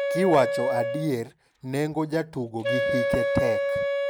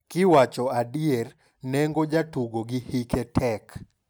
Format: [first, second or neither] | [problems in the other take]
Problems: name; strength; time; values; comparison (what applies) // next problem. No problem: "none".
second | background sound (Wind instrument, woodwind instrument); as loud as the speech